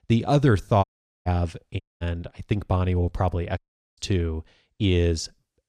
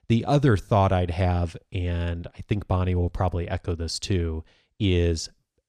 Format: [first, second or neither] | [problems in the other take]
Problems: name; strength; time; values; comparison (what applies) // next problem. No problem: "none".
second | audio cutting out; at 1 s, at 2 s and at 3.5 s